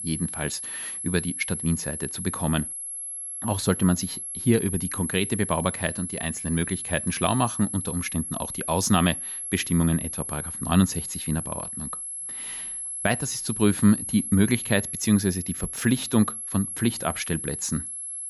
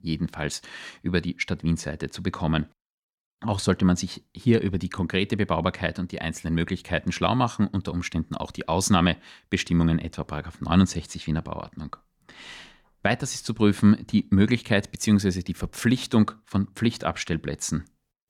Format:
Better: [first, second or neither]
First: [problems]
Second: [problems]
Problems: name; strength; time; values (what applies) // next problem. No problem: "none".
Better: second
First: high-pitched whine; loud; throughout; 11 kHz, 5 dB below the speech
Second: none